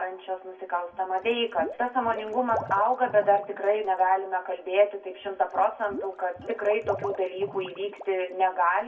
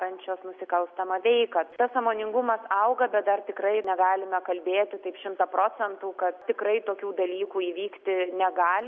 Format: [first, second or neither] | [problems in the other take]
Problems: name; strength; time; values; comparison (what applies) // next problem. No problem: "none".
second | background sound (Water / Liquid); 14 dB below the speech // room echo; dies away in 0.2 s